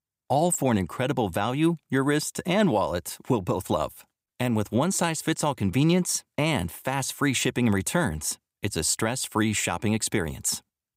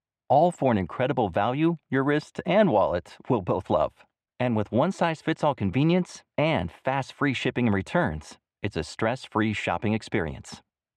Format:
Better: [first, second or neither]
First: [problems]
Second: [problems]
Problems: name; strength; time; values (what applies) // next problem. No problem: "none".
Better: first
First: none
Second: muffled; very; fading above 2.5 kHz